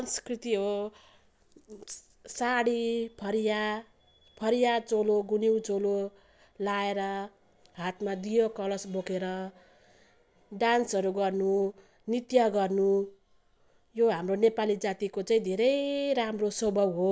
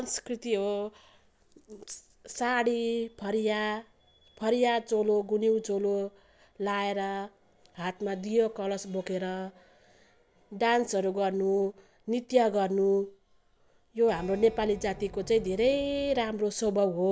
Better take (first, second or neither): first